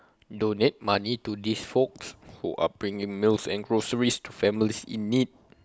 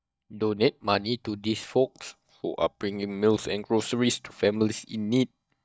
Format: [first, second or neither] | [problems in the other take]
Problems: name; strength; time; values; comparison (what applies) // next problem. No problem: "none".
first | noise reduction (neural mask model DeepFilterNet 3)